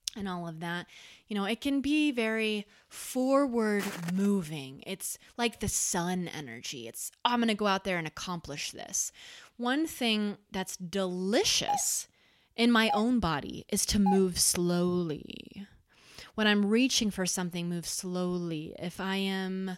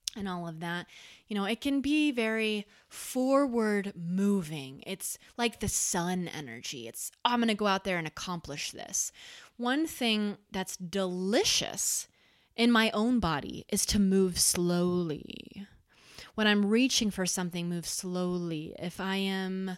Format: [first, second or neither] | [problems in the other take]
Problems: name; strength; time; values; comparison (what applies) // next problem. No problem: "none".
second | footsteps; noticeable; at 4 s; peak 9 dB below the speech // doorbell; noticeable; from 12 to 14 s; peak 4 dB below the speech